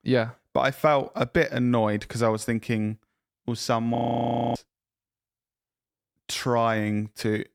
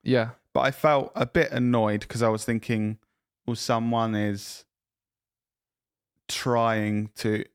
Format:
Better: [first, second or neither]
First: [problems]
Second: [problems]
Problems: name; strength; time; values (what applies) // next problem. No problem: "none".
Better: second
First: audio freezing; at 4 s for 0.5 s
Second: none